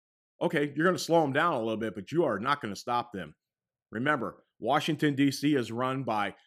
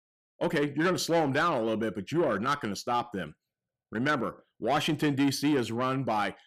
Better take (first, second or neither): first